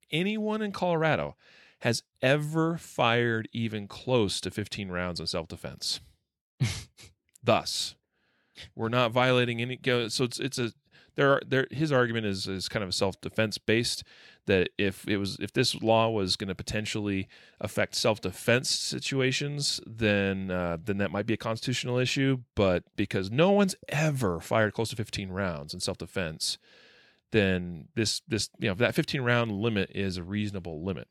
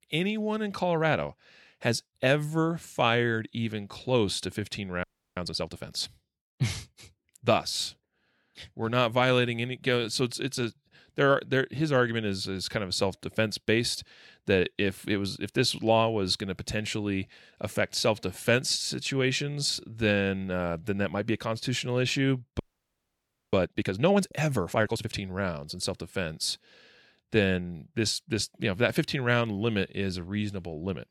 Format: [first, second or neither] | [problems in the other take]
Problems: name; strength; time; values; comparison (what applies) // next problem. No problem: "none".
first | audio freezing; at 5 s and at 23 s for 1 s